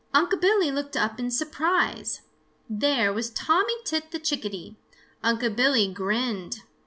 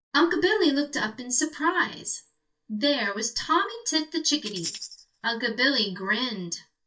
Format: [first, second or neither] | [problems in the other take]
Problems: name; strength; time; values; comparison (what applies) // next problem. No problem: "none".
first | noise reduction (neural mask model DeepFilterNet 3)